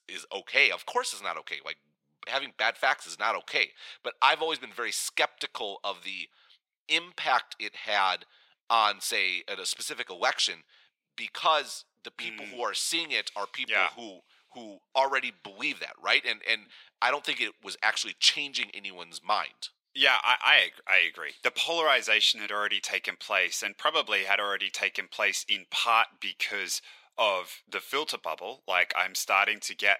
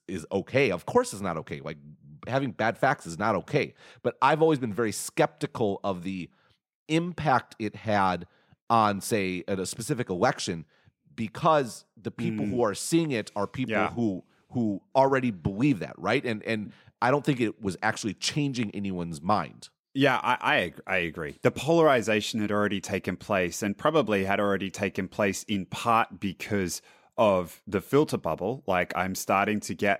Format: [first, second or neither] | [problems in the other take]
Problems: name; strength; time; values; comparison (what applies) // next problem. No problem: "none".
second | thin; very; fading below 850 Hz